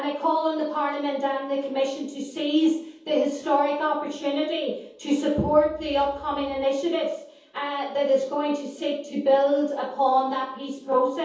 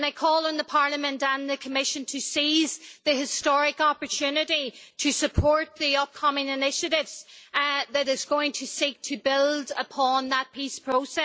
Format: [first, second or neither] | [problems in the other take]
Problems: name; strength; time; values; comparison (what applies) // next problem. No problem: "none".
second | room echo; dies away in 0.7 s